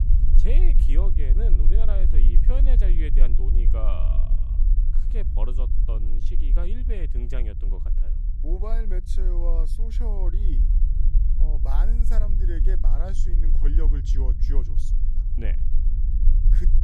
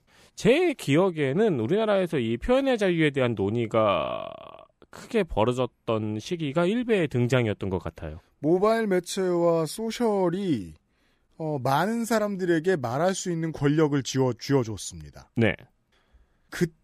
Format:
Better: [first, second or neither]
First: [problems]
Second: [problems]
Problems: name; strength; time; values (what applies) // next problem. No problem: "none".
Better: second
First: low rumble; loud; throughout; 6 dB below the speech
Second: none